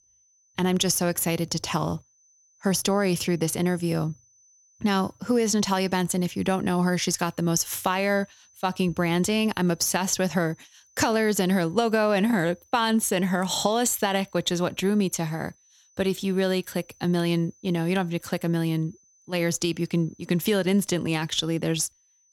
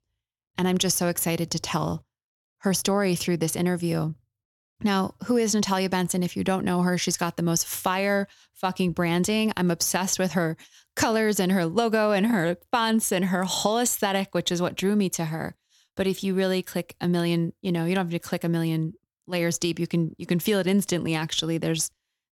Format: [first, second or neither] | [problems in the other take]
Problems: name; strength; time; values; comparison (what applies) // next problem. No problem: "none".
second | high-pitched whine; faint; throughout; 6 kHz, 35 dB below the speech